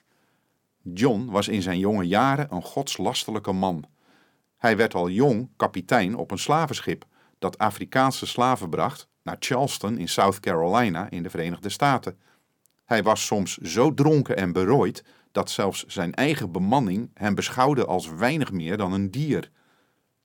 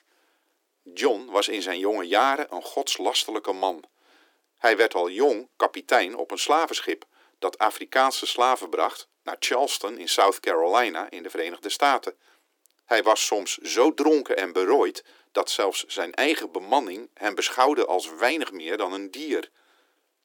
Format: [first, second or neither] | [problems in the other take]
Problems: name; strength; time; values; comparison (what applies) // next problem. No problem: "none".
first | thin; somewhat; fading below 300 Hz